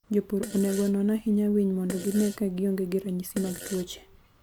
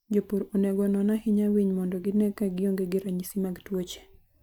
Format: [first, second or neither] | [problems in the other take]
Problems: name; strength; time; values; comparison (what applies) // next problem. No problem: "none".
second | background sound (Fart); 16 dB below the speech